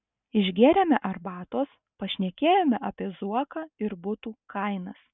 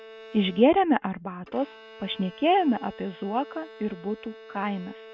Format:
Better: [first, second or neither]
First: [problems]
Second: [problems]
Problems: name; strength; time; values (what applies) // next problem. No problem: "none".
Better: first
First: none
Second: background sound (Bowed string instrument); 19 dB below the speech